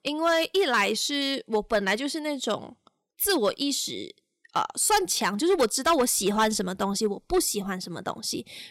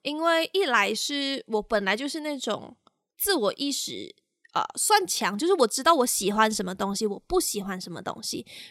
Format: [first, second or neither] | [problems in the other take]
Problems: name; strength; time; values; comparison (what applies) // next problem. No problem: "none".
second | distortion; slight; 3% of the sound clipped